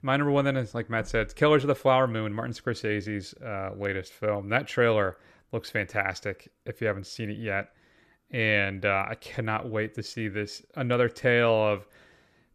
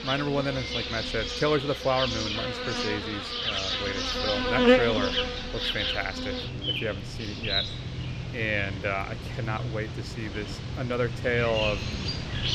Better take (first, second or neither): first